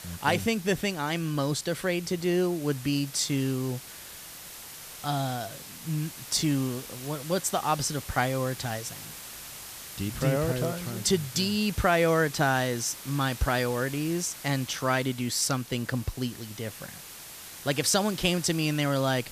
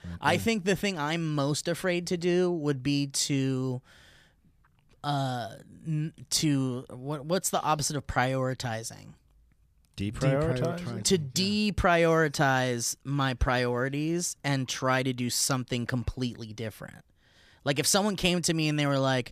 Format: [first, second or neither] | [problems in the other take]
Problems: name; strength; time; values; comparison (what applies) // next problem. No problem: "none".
second | hiss; noticeable; throughout; 15 dB below the speech